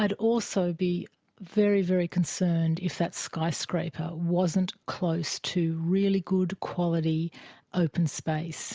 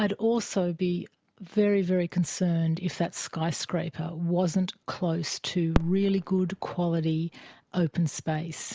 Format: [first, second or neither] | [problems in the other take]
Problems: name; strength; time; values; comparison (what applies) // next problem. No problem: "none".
first | background sound (Fireworks); 8 dB below the speech